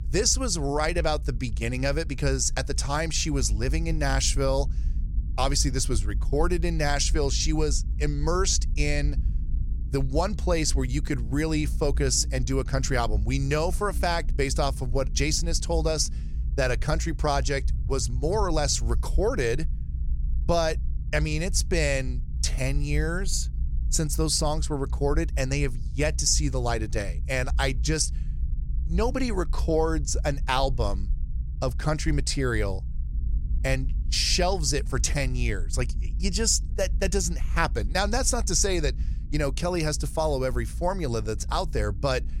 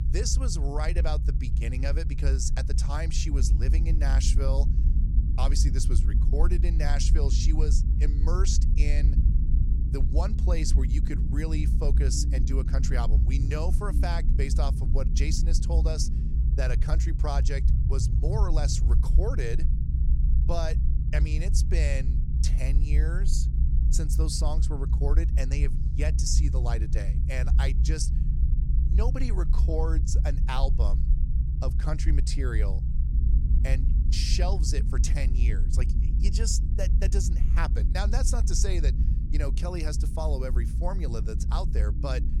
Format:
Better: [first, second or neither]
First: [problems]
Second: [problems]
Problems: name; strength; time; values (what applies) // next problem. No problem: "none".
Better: first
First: low rumble; faint; throughout; 20 dB below the speech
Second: low rumble; loud; throughout; 8 dB below the speech